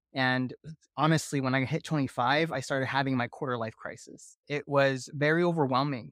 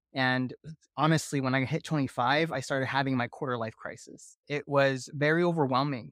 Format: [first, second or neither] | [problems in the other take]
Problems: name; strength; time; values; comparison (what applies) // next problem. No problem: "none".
neither | none